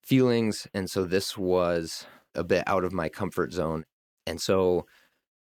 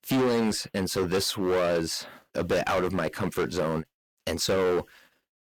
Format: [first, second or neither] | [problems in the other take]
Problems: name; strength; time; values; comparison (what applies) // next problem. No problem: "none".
first | distortion; heavy; 13% of the sound clipped